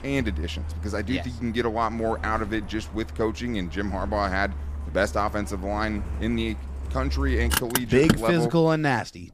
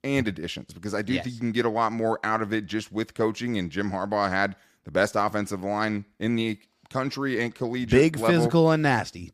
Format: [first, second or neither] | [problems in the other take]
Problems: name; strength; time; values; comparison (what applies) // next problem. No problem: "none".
second | traffic noise; loud; throughout; 5 dB below the speech